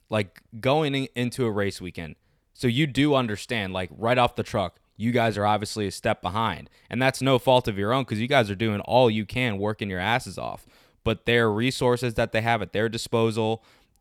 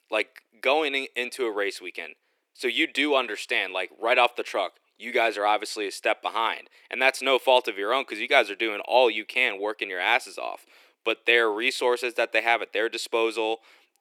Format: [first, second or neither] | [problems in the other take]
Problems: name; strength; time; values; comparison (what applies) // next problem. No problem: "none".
first | thin; very; fading below 350 Hz